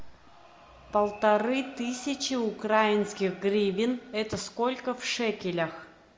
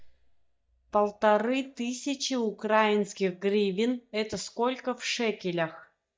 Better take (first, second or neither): first